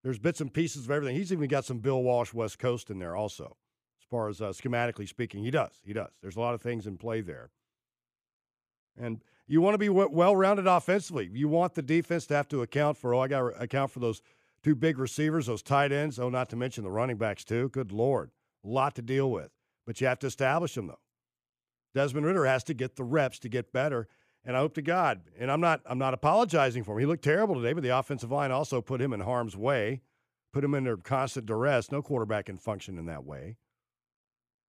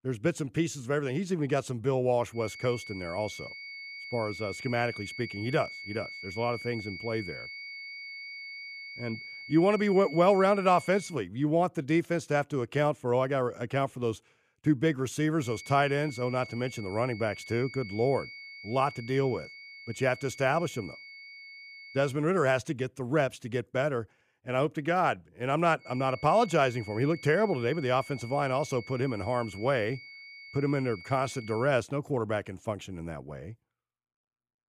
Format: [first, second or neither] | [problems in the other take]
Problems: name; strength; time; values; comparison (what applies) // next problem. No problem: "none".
first | high-pitched whine; noticeable; from 2.5 to 11 s, from 15 to 22 s and from 26 to 32 s; 2 kHz, 15 dB below the speech